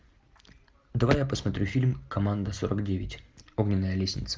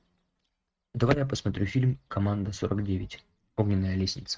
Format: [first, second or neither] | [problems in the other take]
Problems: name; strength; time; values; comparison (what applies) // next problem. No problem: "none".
first | noise reduction (neural mask model RNNoise)